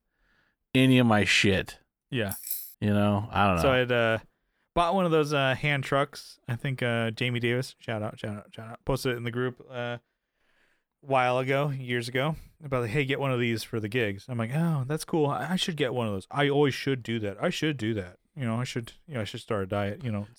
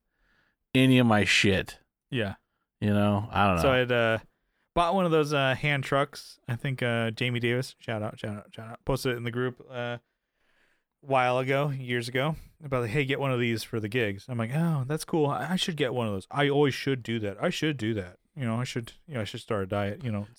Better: second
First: jangling keys; noticeable; at 2.5 s; peak 5 dB below the speech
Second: none

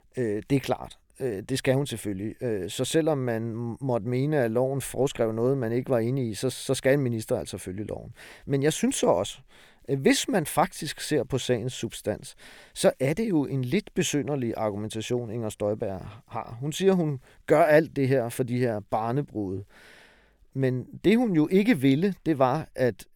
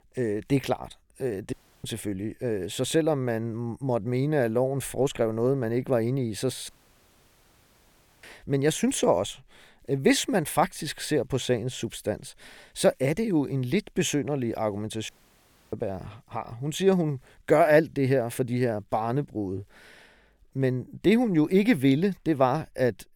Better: first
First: none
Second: audio cutting out; at 1.5 s, at 6.5 s for 1.5 s and at 15 s for 0.5 s

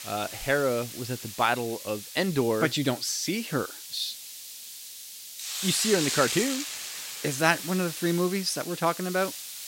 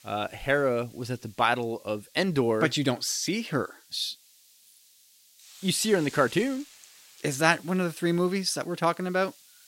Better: second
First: hiss; loud; throughout; 7 dB below the speech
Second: hiss; faint; throughout; 25 dB below the speech

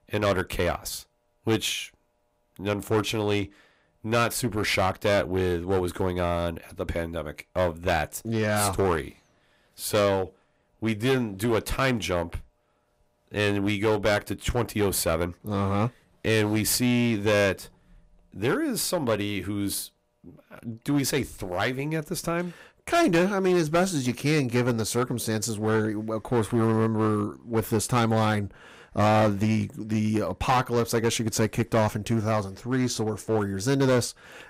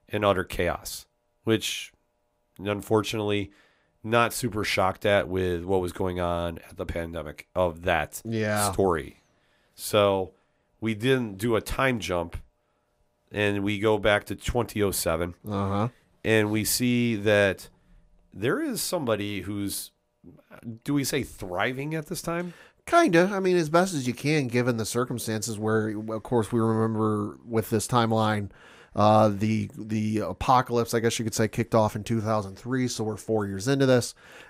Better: second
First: distortion; slight; 7% of the sound clipped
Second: none

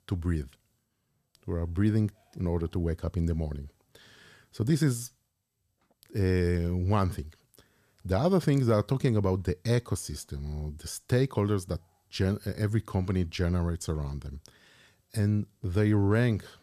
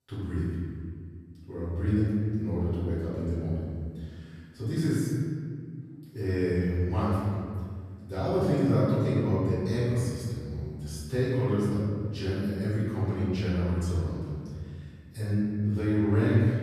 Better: first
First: none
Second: off-mic speech; far // room echo; strong; dies away in 2 s

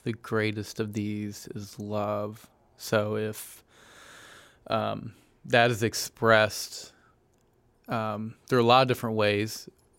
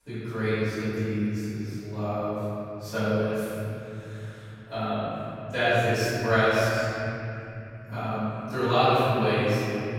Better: first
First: none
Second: off-mic speech; far // room echo; strong; dies away in 3 s

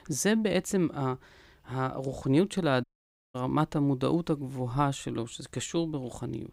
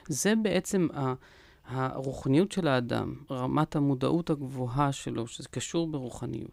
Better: second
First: audio cutting out; at 3 s for 0.5 s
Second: none

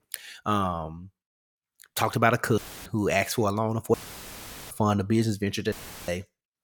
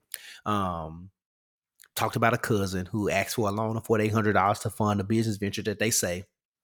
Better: second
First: audio cutting out; filled with static; at 2.5 s, at 4 s for 1 s and at 5.5 s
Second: none

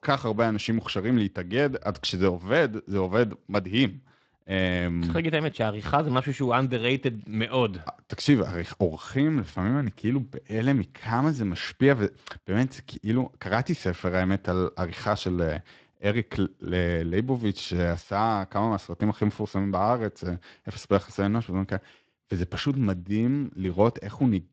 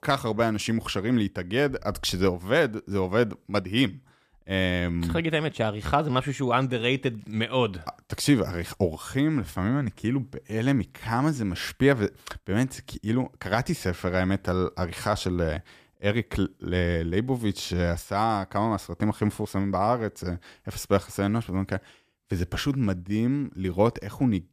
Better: second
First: garbled, watery; slightly; nothing above 8 kHz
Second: none

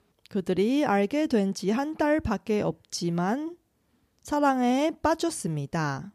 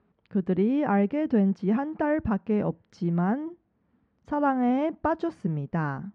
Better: first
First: none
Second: muffled; very; fading above 1.5 kHz

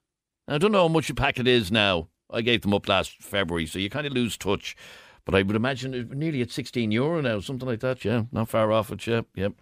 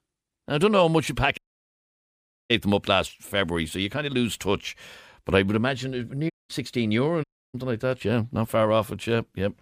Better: first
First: none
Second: audio cutting out; at 1.5 s for 1 s, at 6.5 s and at 7 s

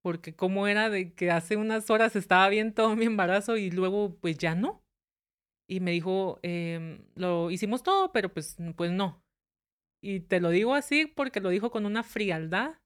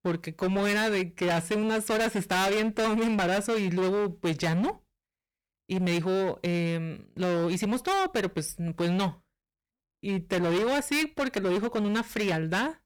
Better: first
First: none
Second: distortion; heavy; 24% of the sound clipped

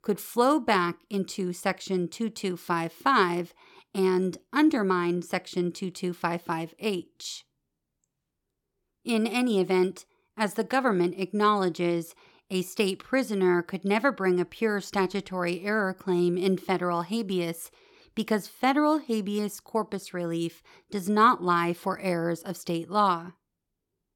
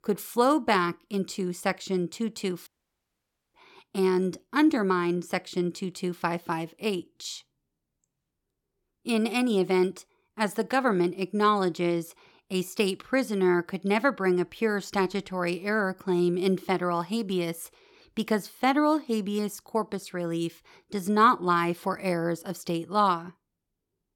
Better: first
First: none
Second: audio cutting out; at 2.5 s for 1 s

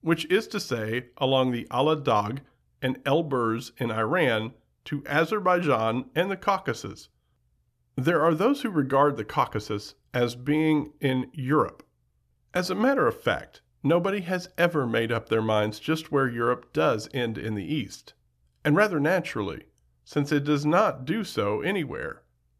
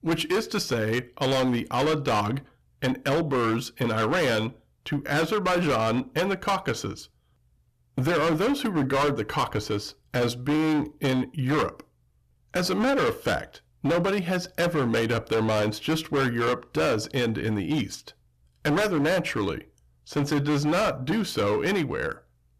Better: first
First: none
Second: distortion; heavy; 18% of the sound clipped

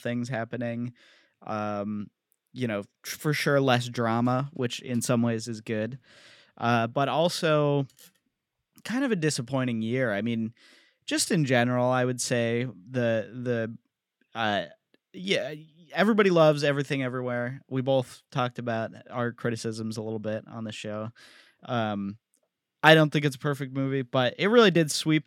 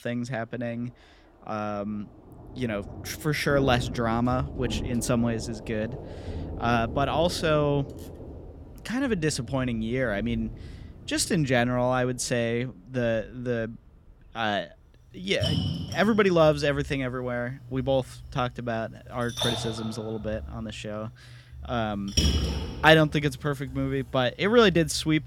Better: first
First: none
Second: rain or running water; loud; throughout; 9 dB below the speech

